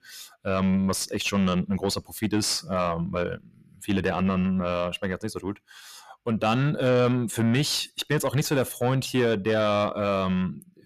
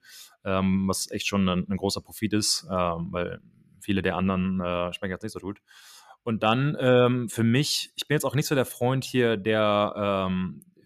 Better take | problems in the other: second | distortion; slight; 10 dB below the speech

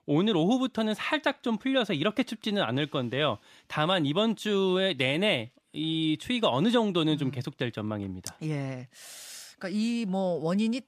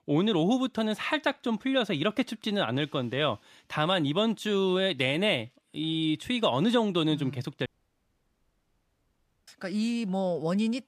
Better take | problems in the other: first | audio cutting out; at 7.5 s for 2 s

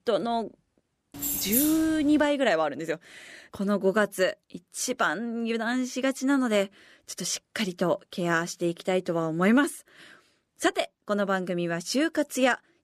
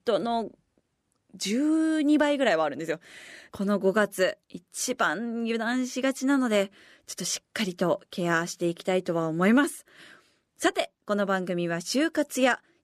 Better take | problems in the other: second | jangling keys; loud; at 1 s; peak 2 dB above the speech

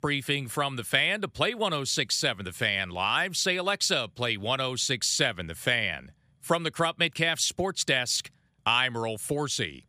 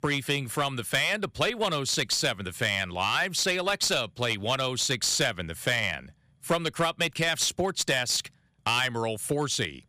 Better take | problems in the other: first | distortion; slight; 4% of the sound clipped

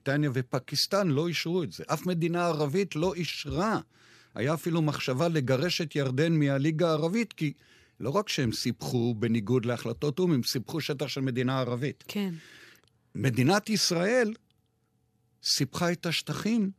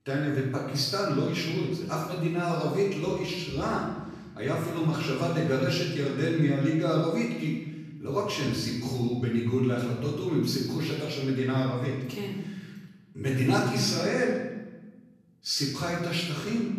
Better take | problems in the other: first | room echo; noticeable; dies away in 1.1 s // off-mic speech; far

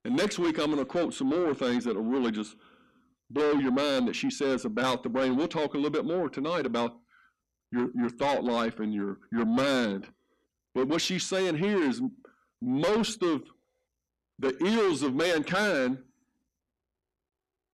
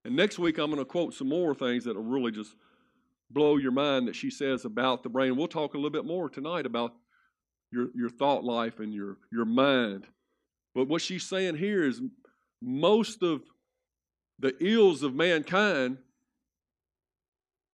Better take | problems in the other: second | distortion; heavy; 6 dB below the speech

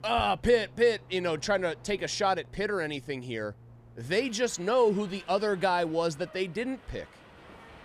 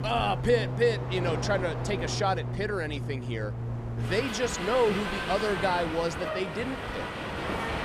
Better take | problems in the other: first | train or aircraft noise; loud; throughout; 4 dB below the speech; faint in the first

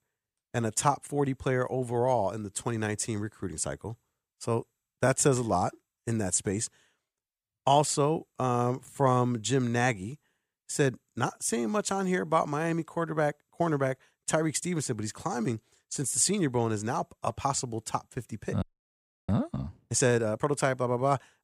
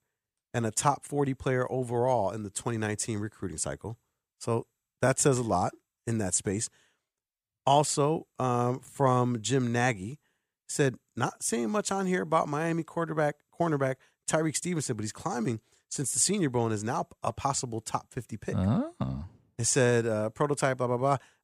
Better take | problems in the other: second | audio freezing; at 19 s for 0.5 s

